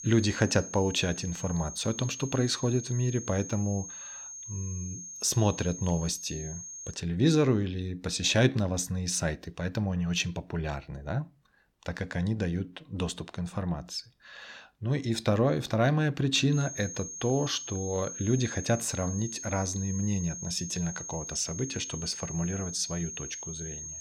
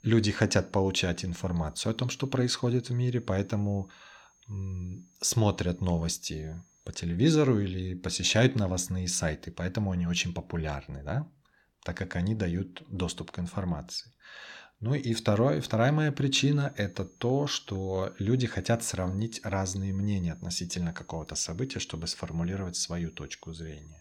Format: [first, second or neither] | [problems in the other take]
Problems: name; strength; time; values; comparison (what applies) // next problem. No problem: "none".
second | high-pitched whine; loud; until 7 s and from 17 s on; 6.5 kHz, 9 dB below the speech; faint in the second